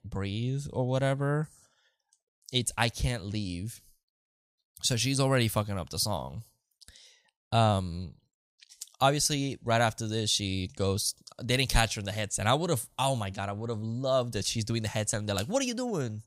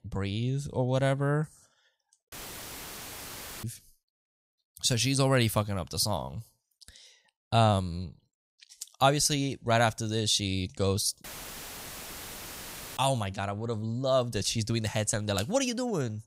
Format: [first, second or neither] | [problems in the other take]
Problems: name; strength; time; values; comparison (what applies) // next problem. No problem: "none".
first | audio cutting out; filled with static; at 2.5 s for 1.5 s and at 11 s for 1.5 s